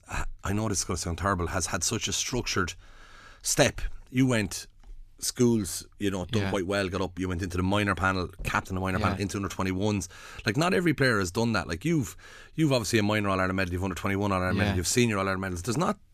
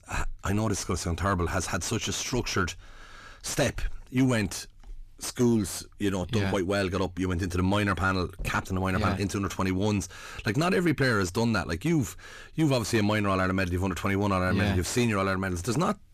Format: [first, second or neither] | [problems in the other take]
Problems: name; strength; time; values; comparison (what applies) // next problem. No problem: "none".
first | distortion; slight; 10 dB below the speech